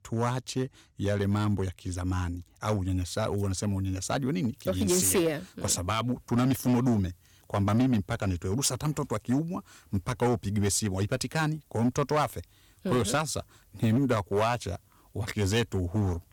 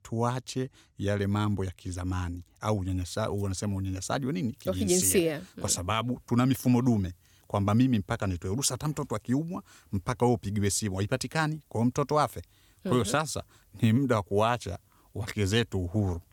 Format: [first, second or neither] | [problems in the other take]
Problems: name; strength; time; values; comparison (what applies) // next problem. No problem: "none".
second | distortion; slight; 5% of the sound clipped